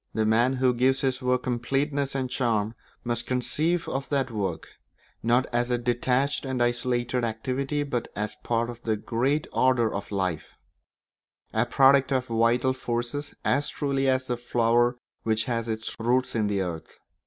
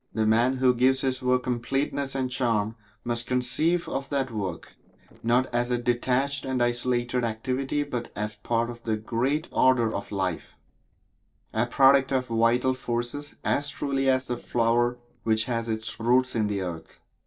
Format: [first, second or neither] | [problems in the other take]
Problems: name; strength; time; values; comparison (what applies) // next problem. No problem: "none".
first | noise reduction (neural separator model SepFormer DNS4)